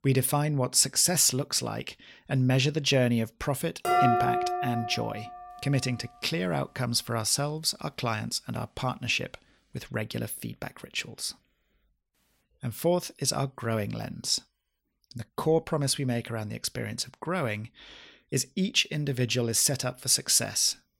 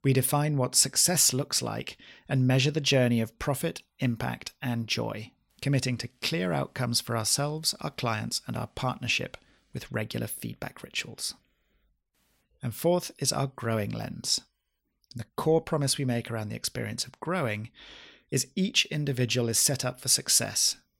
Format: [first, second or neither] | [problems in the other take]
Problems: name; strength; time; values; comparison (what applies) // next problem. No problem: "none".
second | clattering dishes; loud; from 4 to 5 s; peak 5 dB above the speech